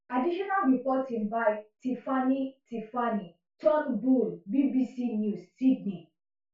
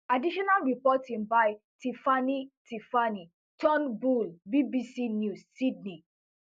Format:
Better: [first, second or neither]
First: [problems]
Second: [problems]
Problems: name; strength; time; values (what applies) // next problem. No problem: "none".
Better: second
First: room echo; dies away in 0.3 s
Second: none